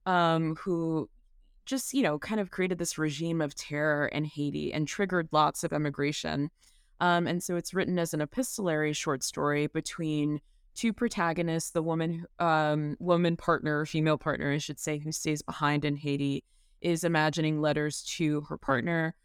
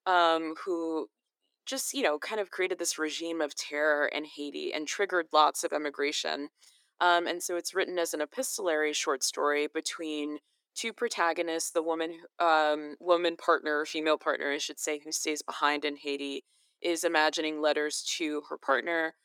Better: first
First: none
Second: thin; somewhat; fading below 350 Hz

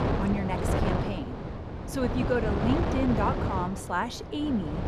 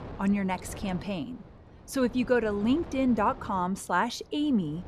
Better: second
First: wind noise on the microphone; heavy; 2 dB below the speech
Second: wind noise on the microphone; occasional gusts; 20 dB below the speech

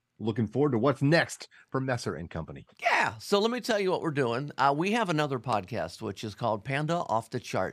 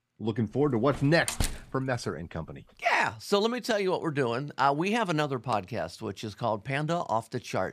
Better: first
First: none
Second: door banging; noticeable; at 1 s; peak 3 dB below the speech

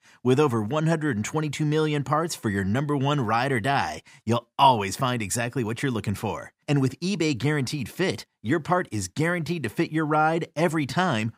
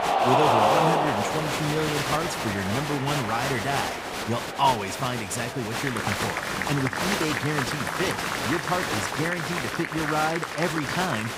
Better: first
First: none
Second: crowd noise; very loud; throughout; 2 dB above the speech

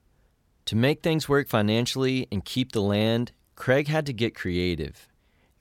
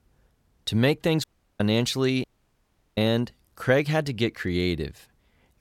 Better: first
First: none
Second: audio cutting out; at 1 s and at 2 s for 0.5 s

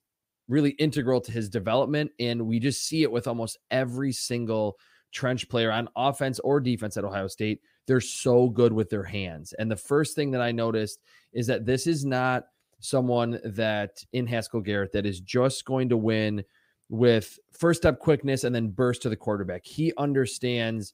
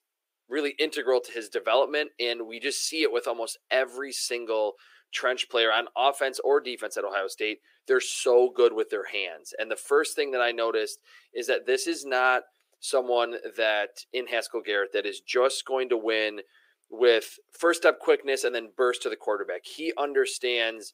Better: first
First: none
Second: thin; very; fading below 350 Hz

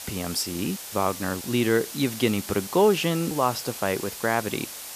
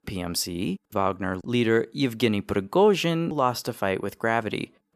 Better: second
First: hiss; loud; throughout; 10 dB below the speech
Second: none

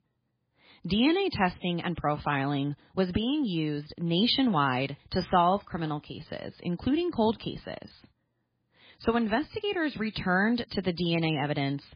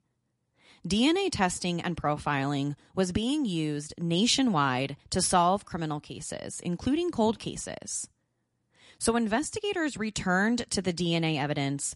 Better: second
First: garbled, watery; badly; nothing above 4.5 kHz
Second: garbled, watery; slightly; nothing above 11 kHz

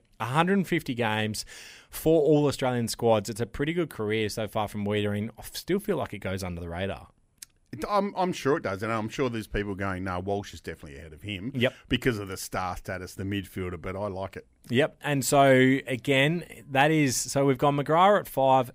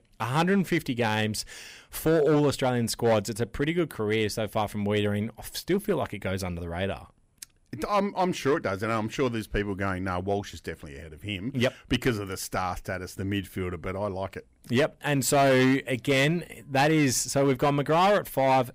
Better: first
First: none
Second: distortion; slight; 4% of the sound clipped

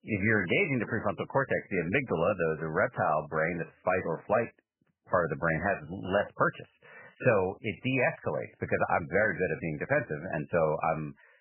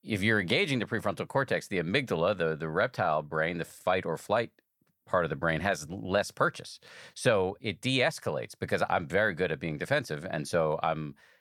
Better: second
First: garbled, watery; badly; nothing above 2.5 kHz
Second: none

